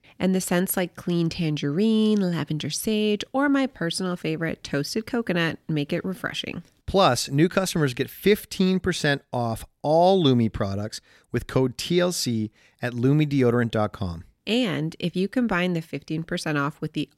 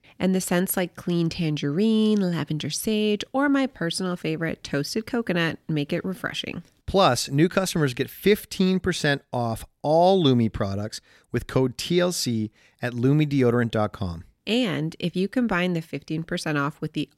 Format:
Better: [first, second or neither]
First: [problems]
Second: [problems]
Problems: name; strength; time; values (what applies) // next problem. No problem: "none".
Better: neither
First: none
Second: none